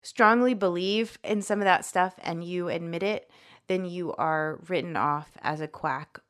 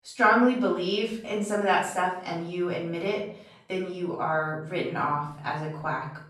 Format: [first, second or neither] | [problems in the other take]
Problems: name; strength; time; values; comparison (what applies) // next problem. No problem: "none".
first | off-mic speech; far // room echo; noticeable; dies away in 0.5 s